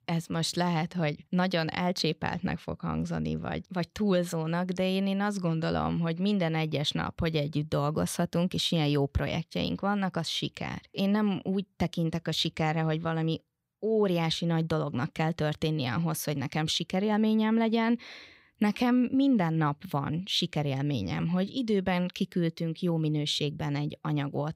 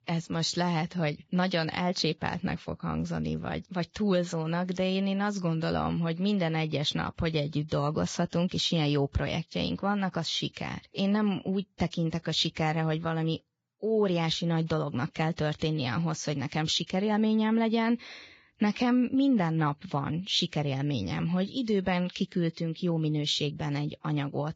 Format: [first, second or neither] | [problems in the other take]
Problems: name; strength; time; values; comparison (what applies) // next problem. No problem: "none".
first | garbled, watery; badly; nothing above 7.5 kHz